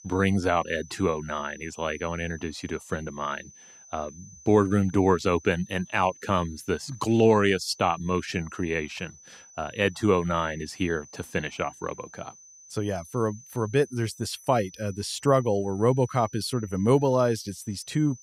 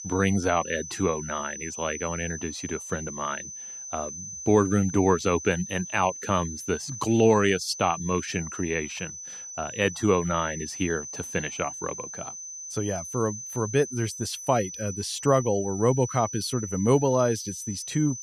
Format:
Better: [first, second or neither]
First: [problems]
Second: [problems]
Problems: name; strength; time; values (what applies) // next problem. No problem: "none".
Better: first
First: high-pitched whine; faint; throughout; 6 kHz, 20 dB below the speech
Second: high-pitched whine; loud; throughout; 6 kHz, 9 dB below the speech